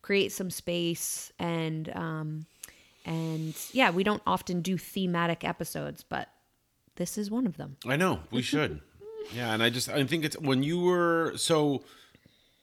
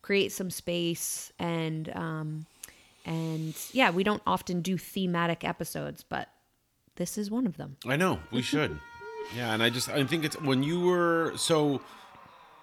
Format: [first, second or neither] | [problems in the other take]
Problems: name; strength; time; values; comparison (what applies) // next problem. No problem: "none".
first | alarms or sirens; noticeable; throughout; 20 dB below the speech